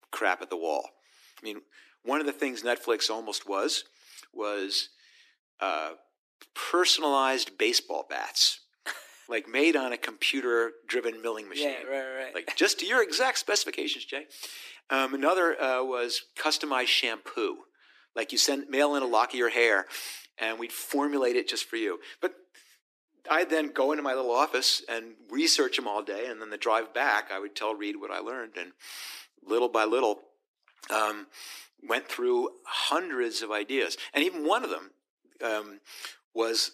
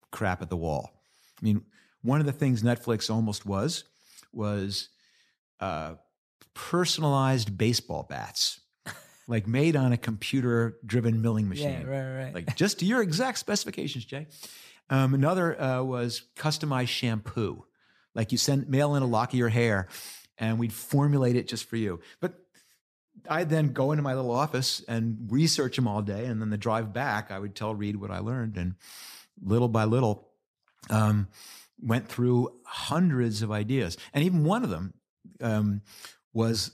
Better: second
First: thin; very; fading below 300 Hz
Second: none

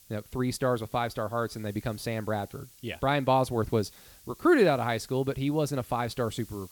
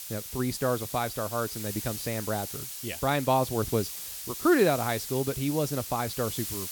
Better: first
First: hiss; faint; throughout; 25 dB below the speech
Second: hiss; loud; throughout; 7 dB below the speech

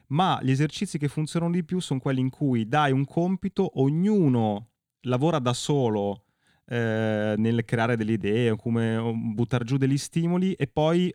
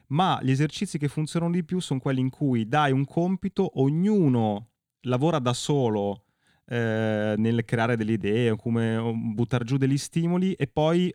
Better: neither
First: none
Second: none

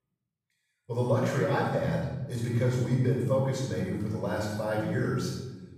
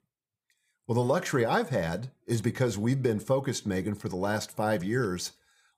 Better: second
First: off-mic speech; far // room echo; noticeable; dies away in 1.2 s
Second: none

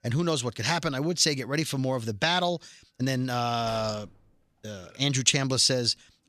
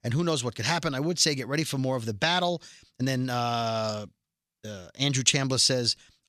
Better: second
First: background music; faint; throughout; 25 dB below the speech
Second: none

